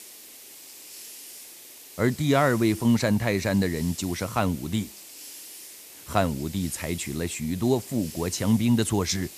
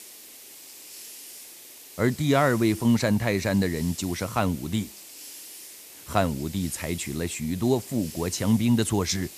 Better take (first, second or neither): neither